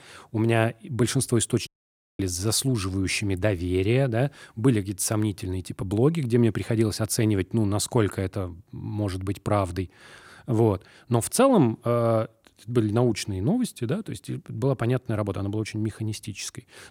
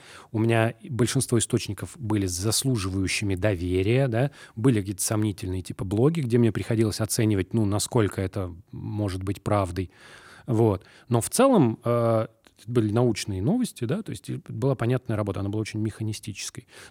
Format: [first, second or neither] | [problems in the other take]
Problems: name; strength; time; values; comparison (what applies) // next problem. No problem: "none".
second | audio cutting out; at 1.5 s for 0.5 s